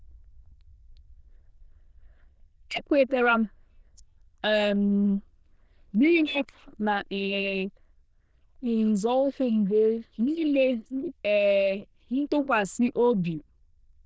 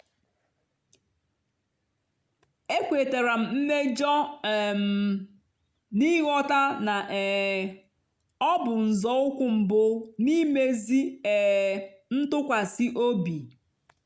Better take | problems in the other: second | noise reduction (neural diffusion model UNIVERSE++)

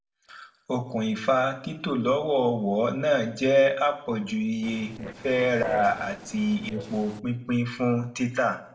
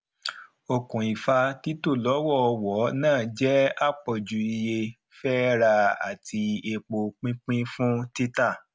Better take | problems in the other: second | noise reduction (neural separator model SepFormer DNS4)

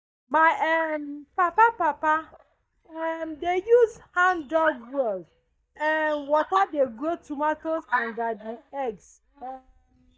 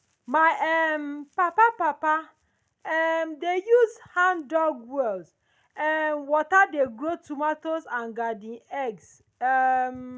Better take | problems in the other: second | noise reduction (neural mask model DeepFilterNet 3)

